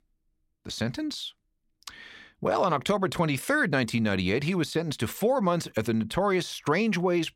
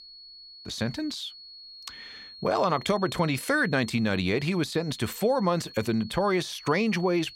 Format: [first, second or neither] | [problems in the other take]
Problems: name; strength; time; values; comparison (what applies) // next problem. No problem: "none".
first | high-pitched whine; noticeable; throughout; 4.5 kHz, 15 dB below the speech